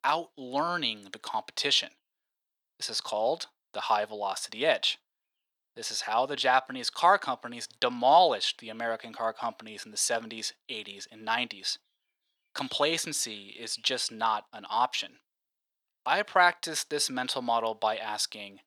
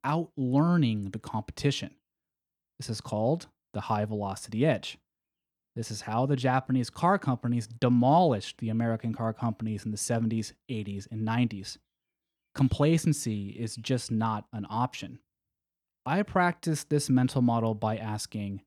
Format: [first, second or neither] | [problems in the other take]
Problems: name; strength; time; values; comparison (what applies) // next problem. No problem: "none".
second | thin; very; fading below 700 Hz